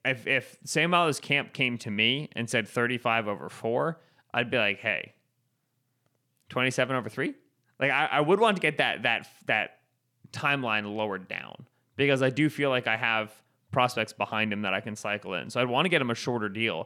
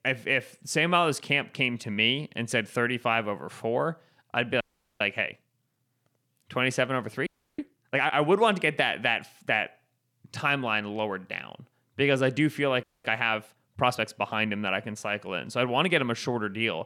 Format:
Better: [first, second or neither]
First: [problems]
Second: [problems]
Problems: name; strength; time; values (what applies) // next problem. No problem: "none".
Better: first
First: none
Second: audio freezing; at 4.5 s, at 7.5 s and at 13 s